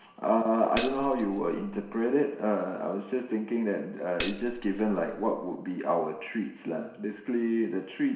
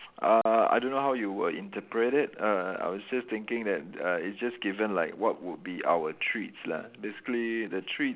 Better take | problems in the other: second | background sound (Tambourine); 12 dB below the speech // room echo; dies away in 0.7 s

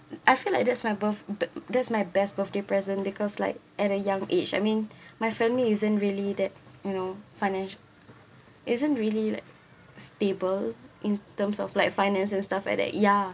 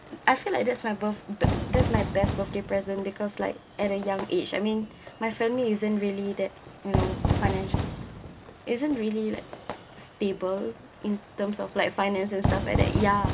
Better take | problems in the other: first | background sound (Fire / Fireworks); 3 dB below the speech

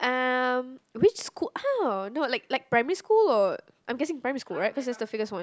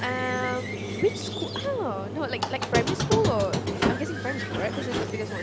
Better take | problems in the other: first | background sound (Squeak); 1 dB above the speech

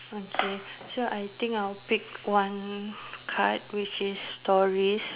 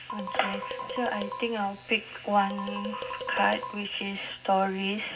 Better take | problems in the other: first | background sound (Marimba, xylophone); 8 dB below the speech // room echo; dies away in 0.4 s

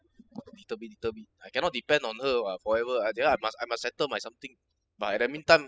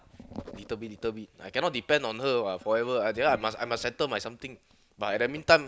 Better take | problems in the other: second | noise reduction (classical method spectral subtraction)

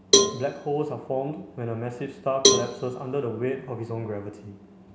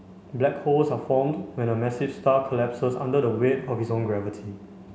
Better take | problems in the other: second | background sound (Cowbell); 4 dB above the speech

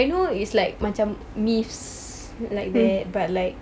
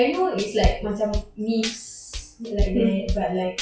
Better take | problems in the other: first | noise reduction (classical method WPE with log-MMSE)

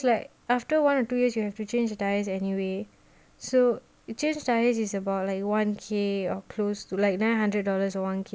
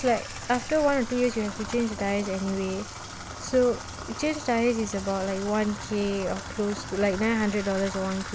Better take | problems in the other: first | background sound (Bathtub (filling or washing) / Water tap, faucet); 10 dB below the speech

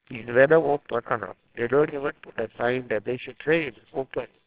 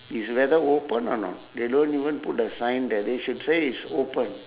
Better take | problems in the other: second | noise reduction (neural separator model SepFormer WHAMR!)

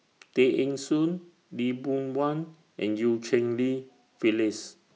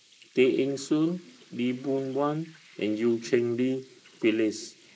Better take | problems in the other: first | noise reduction (neural mask model Resemble Enhance denoiser)

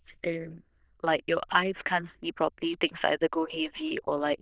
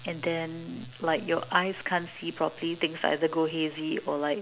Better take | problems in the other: second | noise reduction (neural diffusion model UNIVERSE++)

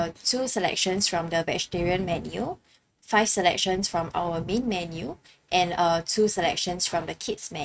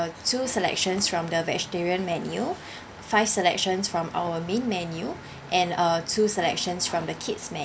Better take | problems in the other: second | noise reduction (neural mask model RNNoise)

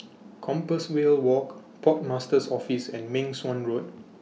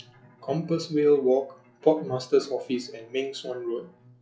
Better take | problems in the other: first | noise reduction (classical method log-MMSE)

